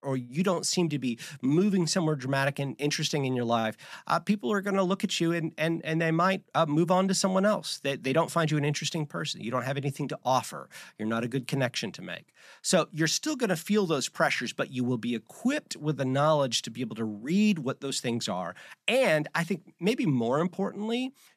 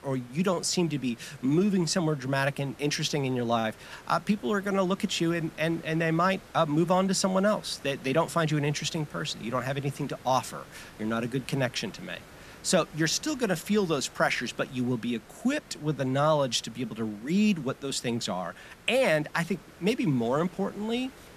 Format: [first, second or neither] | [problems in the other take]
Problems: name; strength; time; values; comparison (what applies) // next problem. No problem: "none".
first | hiss; faint; throughout; 20 dB below the speech